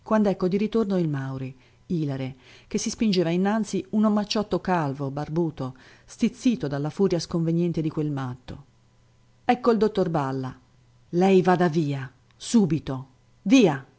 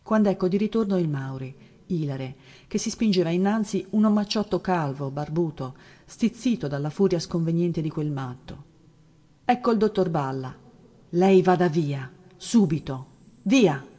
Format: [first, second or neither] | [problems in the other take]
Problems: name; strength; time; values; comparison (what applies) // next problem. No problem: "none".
first | room echo; dies away in 1.9 s